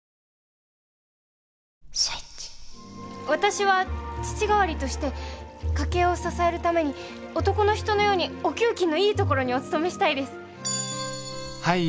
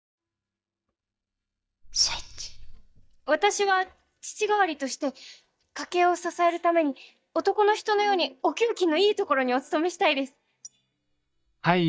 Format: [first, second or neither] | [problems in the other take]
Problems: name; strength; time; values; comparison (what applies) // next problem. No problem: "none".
first | noise reduction (neural mask model DeepFilterNet 3)